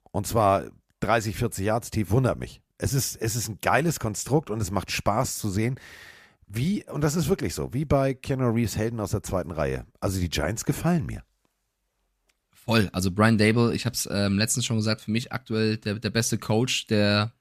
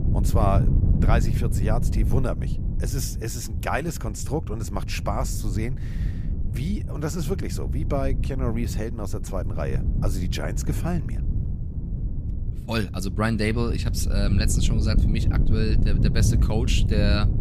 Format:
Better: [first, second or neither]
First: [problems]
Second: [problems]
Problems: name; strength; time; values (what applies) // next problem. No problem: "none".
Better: first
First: none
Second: wind noise on the microphone; heavy; 8 dB below the speech